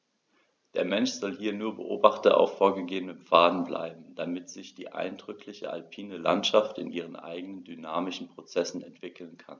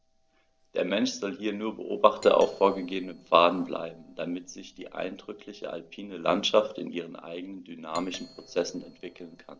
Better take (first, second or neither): first